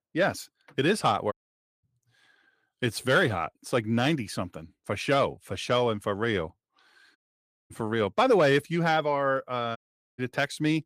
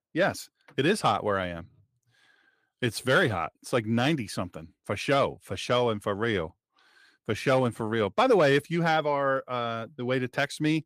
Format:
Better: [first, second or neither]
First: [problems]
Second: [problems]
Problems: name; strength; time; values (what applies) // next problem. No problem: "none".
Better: second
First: audio cutting out; at 1.5 s for 0.5 s, at 7 s for 0.5 s and at 10 s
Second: none